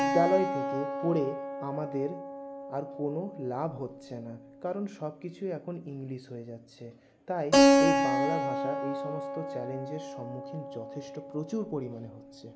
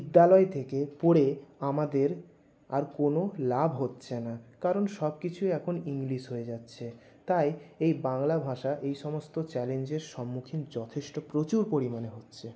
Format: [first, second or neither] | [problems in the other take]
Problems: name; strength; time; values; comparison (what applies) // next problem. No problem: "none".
second | background sound (Keyboard (musical)); 3 dB above the speech